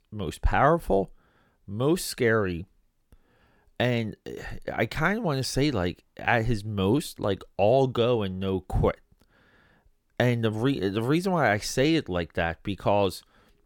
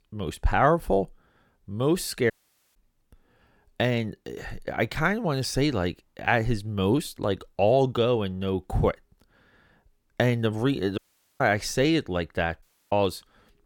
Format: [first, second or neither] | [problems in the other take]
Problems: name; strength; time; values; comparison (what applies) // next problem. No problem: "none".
first | audio cutting out; at 2.5 s, at 11 s and at 13 s